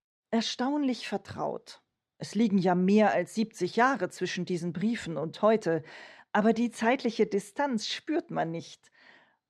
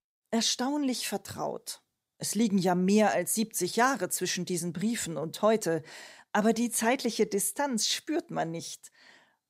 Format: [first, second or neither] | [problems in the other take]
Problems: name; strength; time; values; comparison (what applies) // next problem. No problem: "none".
second | muffled; slightly; fading above 3.5 kHz